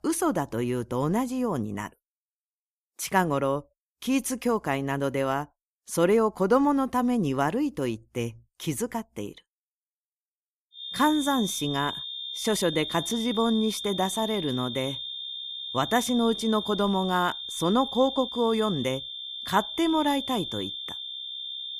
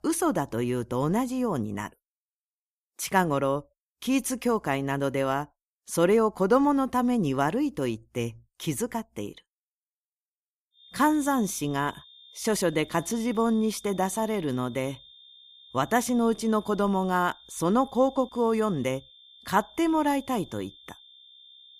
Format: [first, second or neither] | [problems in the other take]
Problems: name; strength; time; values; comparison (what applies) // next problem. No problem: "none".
second | high-pitched whine; loud; from 11 s on; 3.5 kHz, 6 dB below the speech; faint in the second